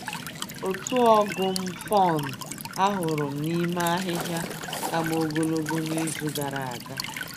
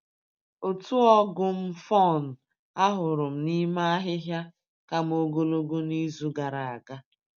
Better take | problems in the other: second | background sound (Walk, footsteps / Stream / Trickle, dribble / Chirp, tweet); 8 dB below the speech

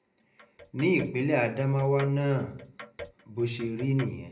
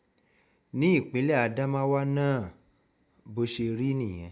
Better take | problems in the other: second | background sound (Clock); 18 dB below the speech // room echo; dies away in 0.4 s

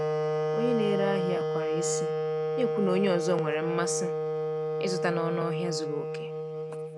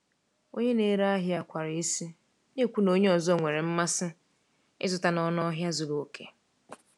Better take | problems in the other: second | background sound (Wind instrument, woodwind instrument); 2 dB above the speech

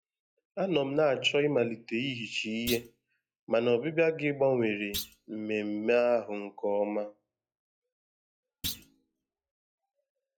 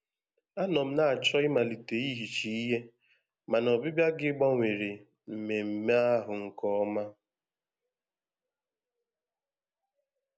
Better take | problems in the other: second | noise reduction (classical method log-MMSE)

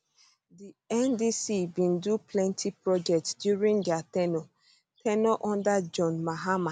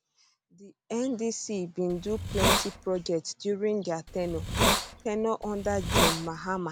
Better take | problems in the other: first | background sound (Hiss); 2 dB above the speech

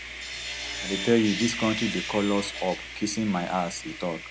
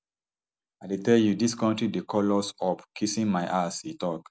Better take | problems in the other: second | background sound (Sawing); 7 dB below the speech

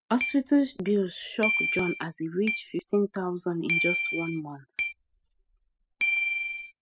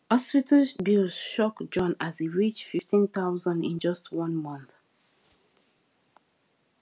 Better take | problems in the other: second | noise reduction (classical method spectral subtraction)

